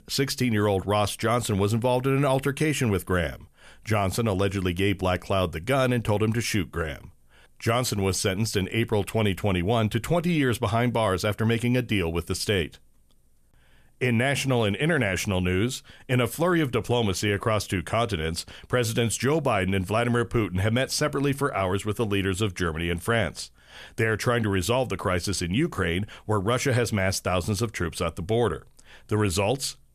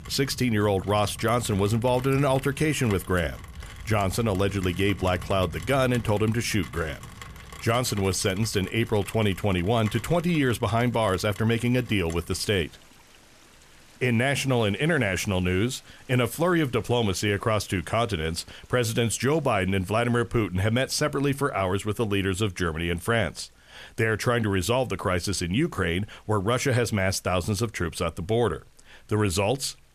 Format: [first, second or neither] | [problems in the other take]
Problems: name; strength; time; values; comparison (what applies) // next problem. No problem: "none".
first | rain or running water; noticeable; throughout; 20 dB below the speech